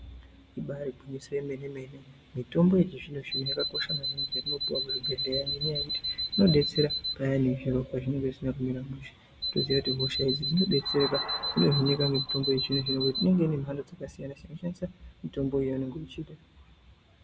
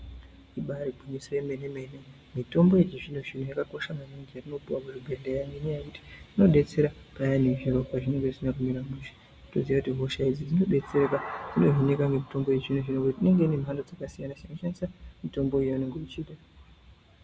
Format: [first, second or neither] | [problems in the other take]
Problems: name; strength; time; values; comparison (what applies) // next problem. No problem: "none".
second | background sound (Alarm); 3 dB below the speech